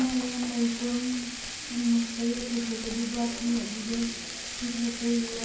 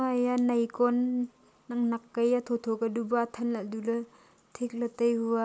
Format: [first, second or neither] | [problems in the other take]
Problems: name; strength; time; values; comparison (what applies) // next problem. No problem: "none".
second | background sound (Frying (food)); 7 dB below the speech // room echo; dies away in 0.9 s